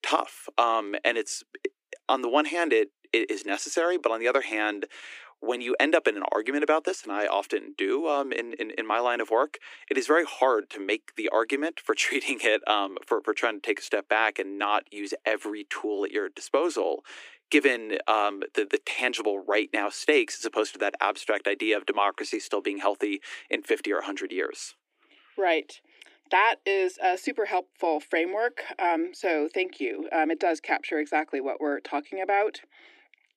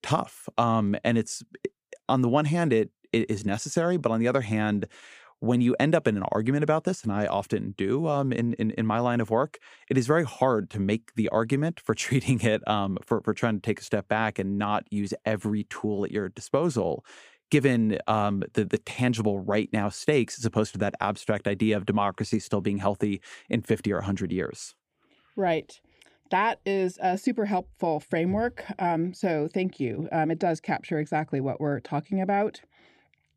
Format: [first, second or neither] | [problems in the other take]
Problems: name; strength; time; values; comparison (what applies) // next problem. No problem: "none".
second | thin; somewhat; fading below 300 Hz